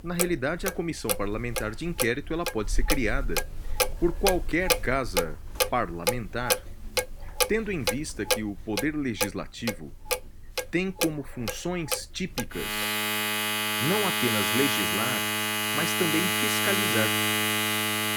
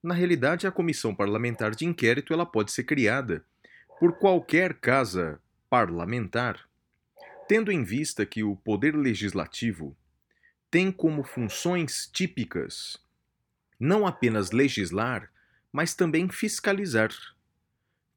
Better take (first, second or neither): second